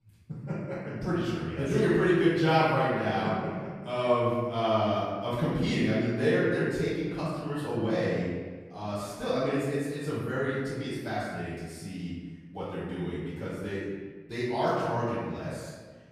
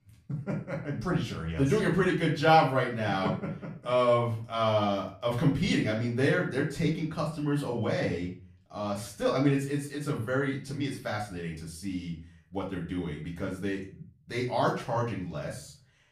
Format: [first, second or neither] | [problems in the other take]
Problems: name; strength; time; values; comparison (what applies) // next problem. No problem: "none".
second | room echo; strong; dies away in 1.3 s; slight in the second // off-mic speech; far; far in the second